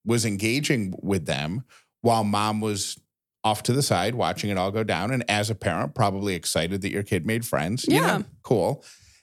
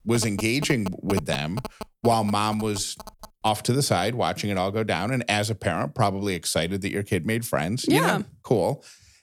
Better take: first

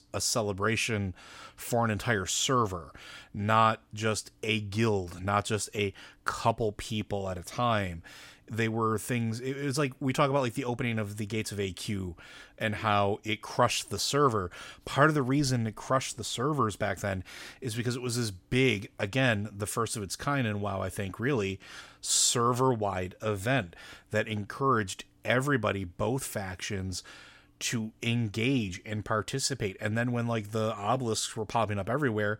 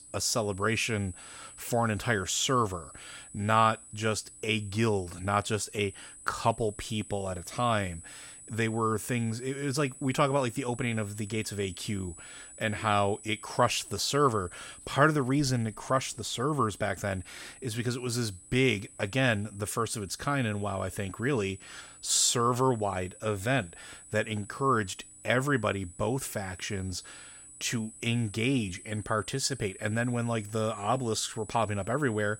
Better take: first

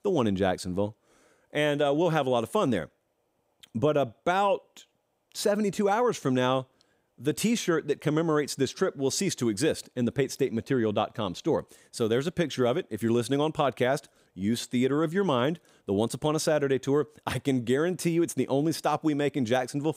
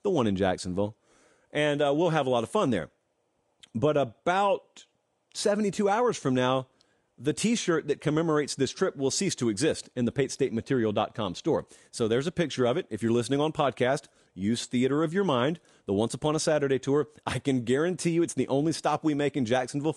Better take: first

